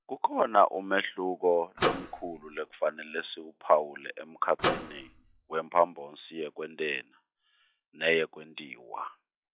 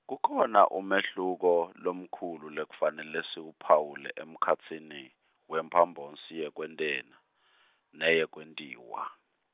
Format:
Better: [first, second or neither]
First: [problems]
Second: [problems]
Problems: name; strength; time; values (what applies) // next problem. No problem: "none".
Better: second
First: noise reduction (classical method log-MMSE)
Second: none